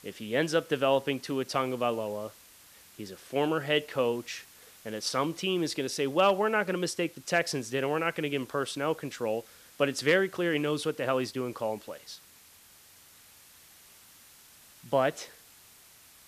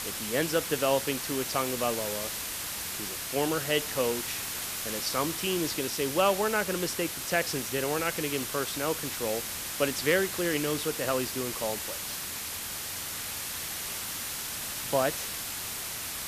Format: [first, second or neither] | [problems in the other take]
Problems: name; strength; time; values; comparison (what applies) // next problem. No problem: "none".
first | hiss; loud; throughout; 3 dB below the speech; faint in the first